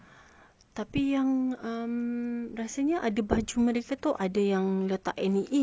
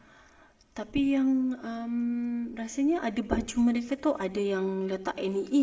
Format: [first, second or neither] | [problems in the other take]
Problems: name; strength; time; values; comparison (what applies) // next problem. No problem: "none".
first | room echo; dies away in 1.6 s